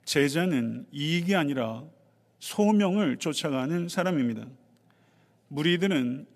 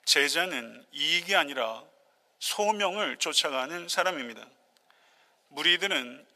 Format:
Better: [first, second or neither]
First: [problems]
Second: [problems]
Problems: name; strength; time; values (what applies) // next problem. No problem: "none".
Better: first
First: none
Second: thin; very; fading below 800 Hz